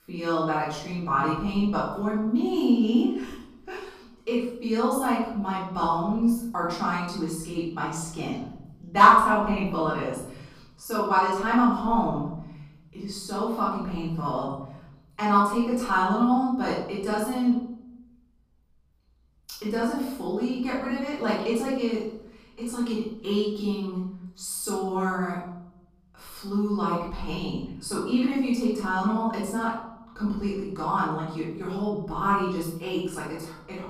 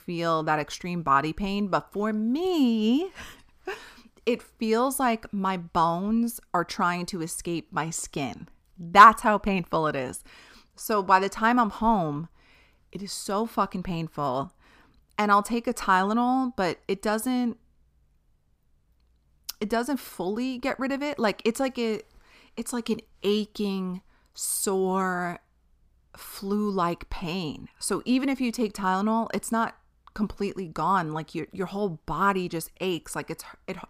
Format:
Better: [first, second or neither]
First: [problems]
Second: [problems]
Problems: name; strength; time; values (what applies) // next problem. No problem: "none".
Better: second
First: off-mic speech; far // room echo; noticeable; dies away in 0.9 s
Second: none